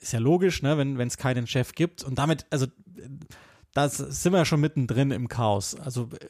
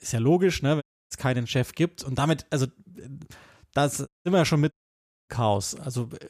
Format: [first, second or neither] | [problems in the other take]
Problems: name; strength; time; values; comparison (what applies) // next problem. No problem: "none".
first | audio cutting out; at 1 s, at 4 s and at 4.5 s for 0.5 s